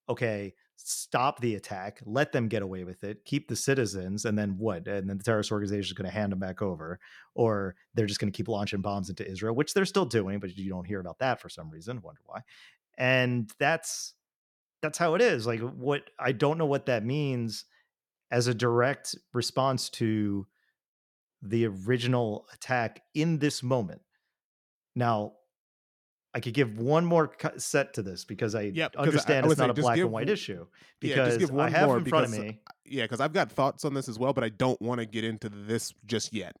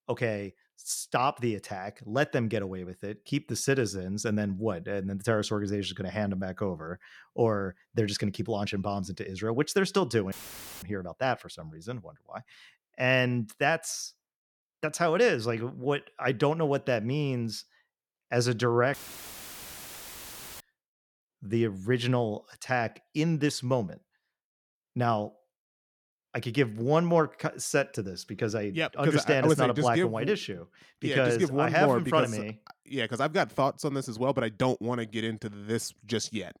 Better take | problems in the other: first | audio cutting out; filled with static; at 10 s for 0.5 s and at 19 s for 1.5 s

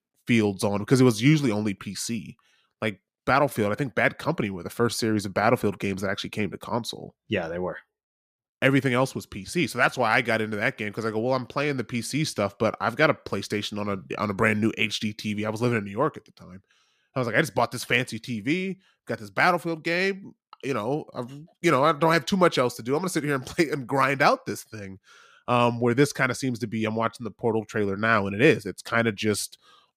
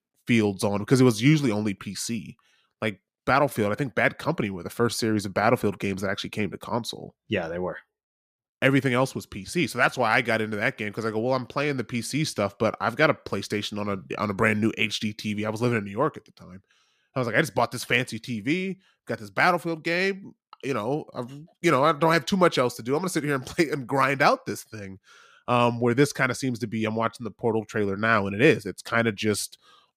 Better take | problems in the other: neither | none

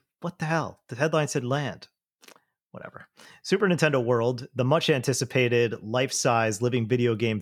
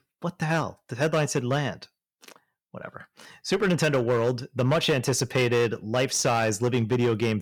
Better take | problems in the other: first | distortion; slight; 8% of the sound clipped

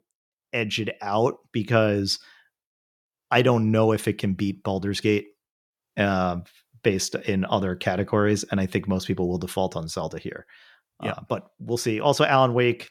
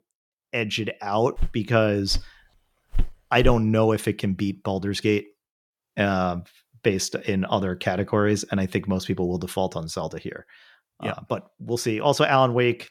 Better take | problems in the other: first | footsteps; noticeable; from 1.5 to 3.5 s; peak 8 dB below the speech

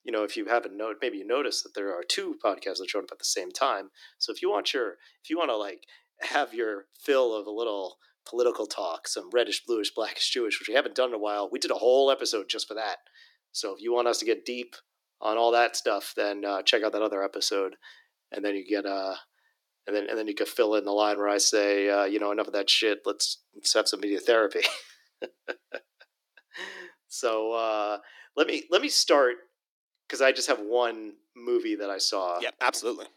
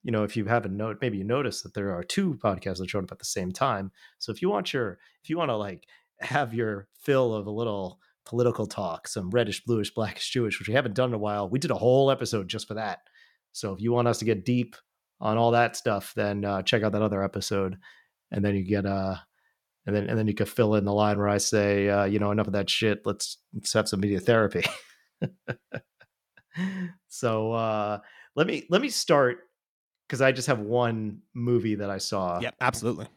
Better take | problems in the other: second | thin; somewhat; fading below 300 Hz

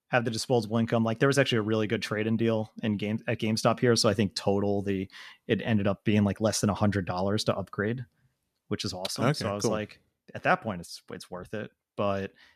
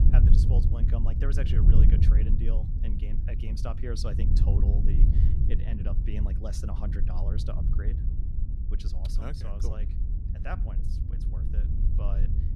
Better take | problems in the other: first | wind noise on the microphone; heavy; 1 dB below the speech

